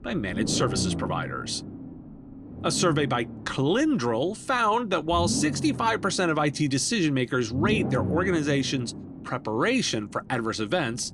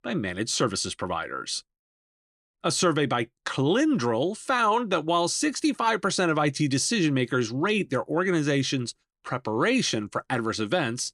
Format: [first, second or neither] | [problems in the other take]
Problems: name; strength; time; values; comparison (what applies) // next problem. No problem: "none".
second | low rumble; noticeable; throughout; 15 dB below the speech